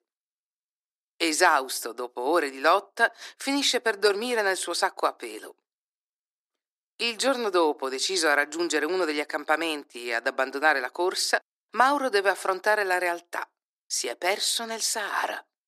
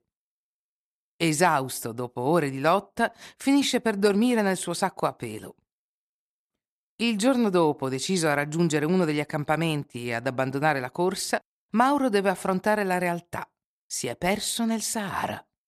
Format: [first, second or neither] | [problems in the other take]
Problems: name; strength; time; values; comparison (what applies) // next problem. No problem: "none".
second | thin; somewhat; fading below 300 Hz